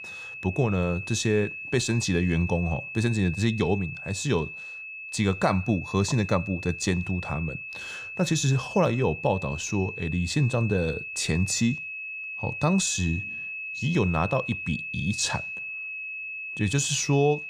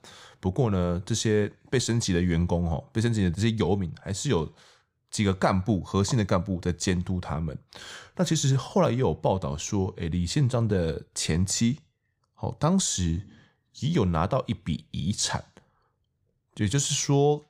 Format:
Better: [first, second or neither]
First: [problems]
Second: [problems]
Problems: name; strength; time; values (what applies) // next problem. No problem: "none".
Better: second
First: high-pitched whine; loud; throughout; 2.5 kHz, 8 dB below the speech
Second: none